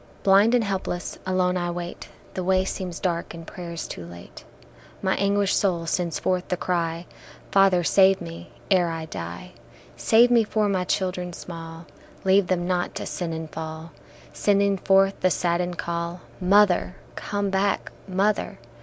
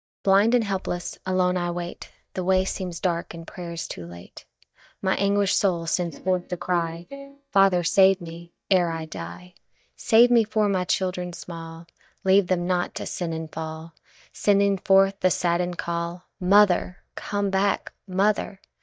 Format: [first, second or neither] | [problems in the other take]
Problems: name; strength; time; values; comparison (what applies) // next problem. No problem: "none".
first | noise reduction (neural mask model DeepFilterNet 3)